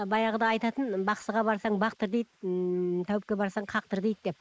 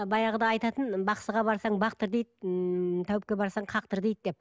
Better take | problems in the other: second | noise reduction (neural mask model Resemble Enhance denoiser)

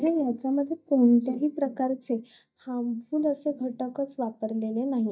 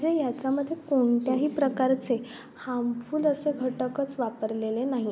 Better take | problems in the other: second | noise reduction (neural mask model DeepFilterNet 3)

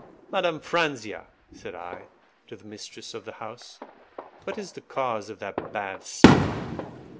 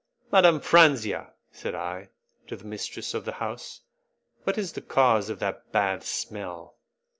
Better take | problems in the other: second | background sound (Fireworks); 5 dB above the speech

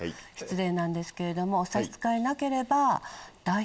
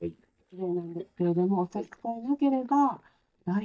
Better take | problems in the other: first | noise reduction (neural mask model DeepFilterNet 3)

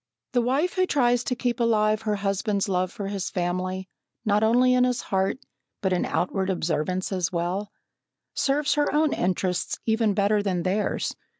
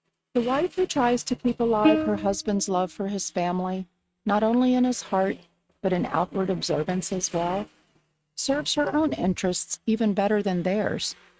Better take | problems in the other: first | noise reduction (neural mask model RNNoise)

